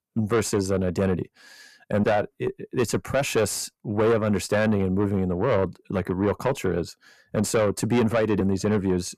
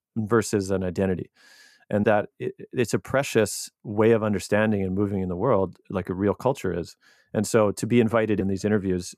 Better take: second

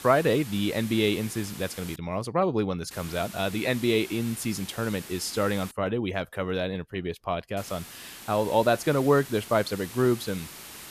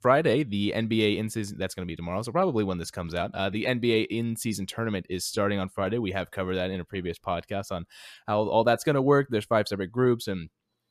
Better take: second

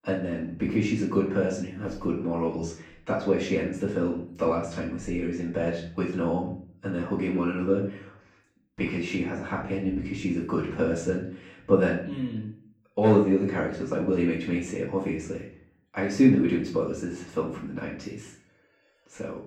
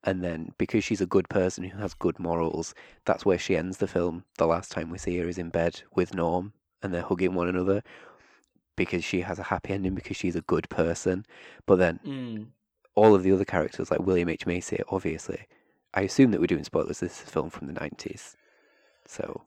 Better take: second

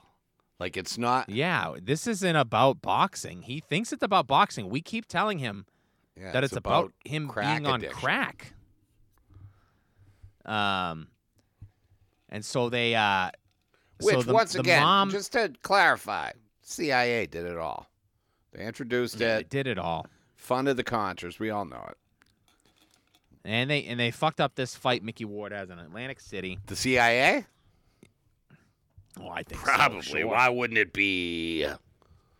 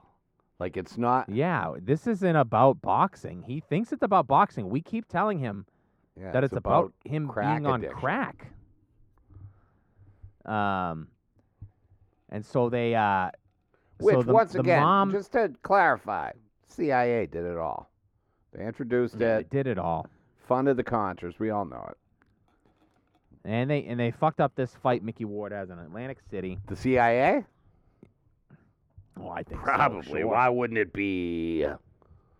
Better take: first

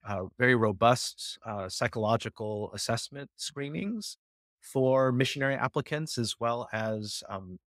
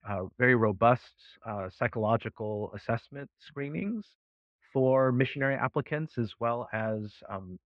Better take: first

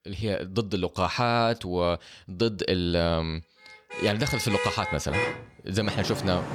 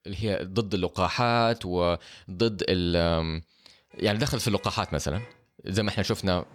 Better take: second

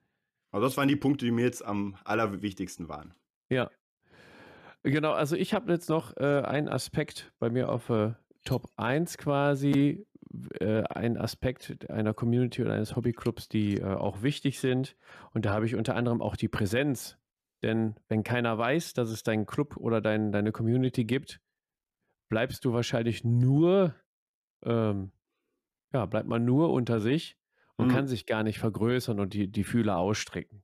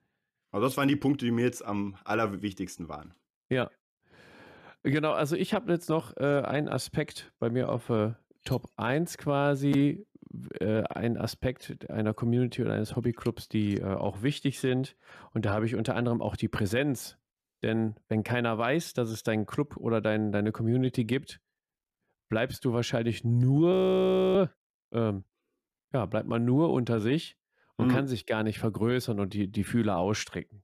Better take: first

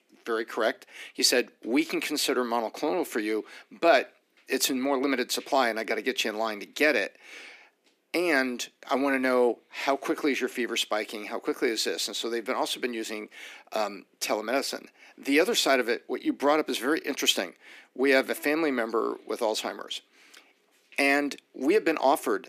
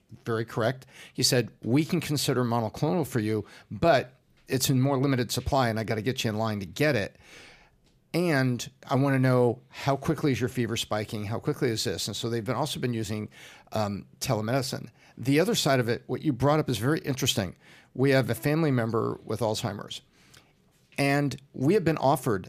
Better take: second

